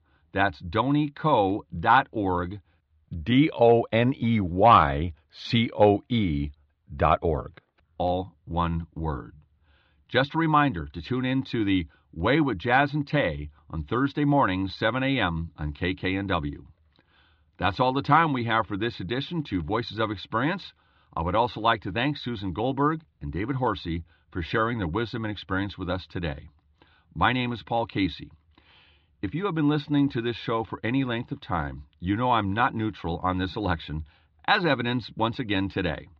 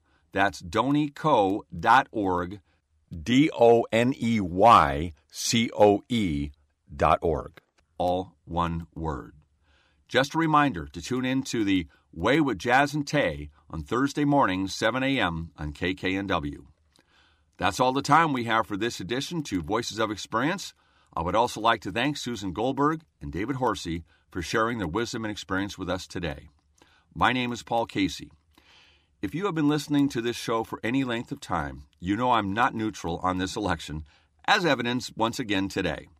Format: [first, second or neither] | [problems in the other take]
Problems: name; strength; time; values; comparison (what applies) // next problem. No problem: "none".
second | muffled; slightly; fading above 4 kHz